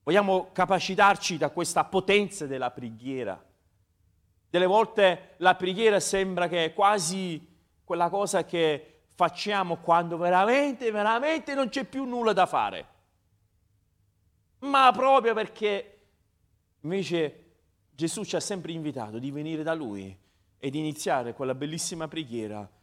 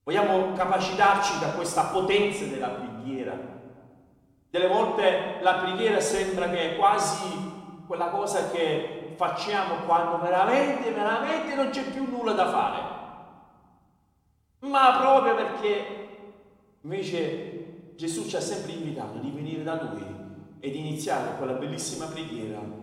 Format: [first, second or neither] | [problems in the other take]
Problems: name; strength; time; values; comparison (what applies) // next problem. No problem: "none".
first | room echo; noticeable; dies away in 1.3 s // off-mic speech; somewhat distant